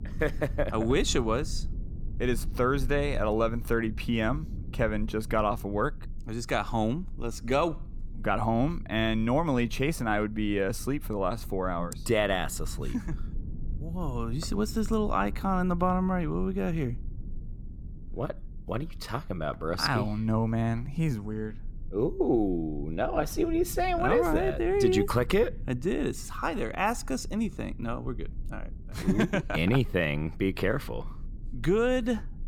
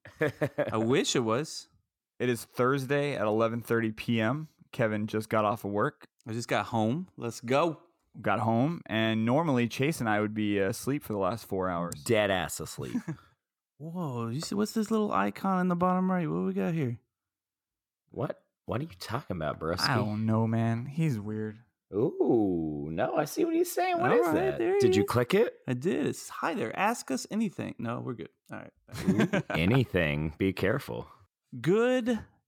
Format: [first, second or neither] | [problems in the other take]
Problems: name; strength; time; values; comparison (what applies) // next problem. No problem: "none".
second | low rumble; faint; throughout; 25 dB below the speech